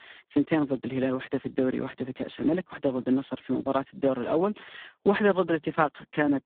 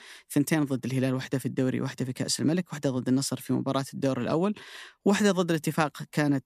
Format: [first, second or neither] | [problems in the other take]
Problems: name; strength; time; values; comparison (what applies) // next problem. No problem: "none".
second | phone-call audio; poor line; nothing above 3.5 kHz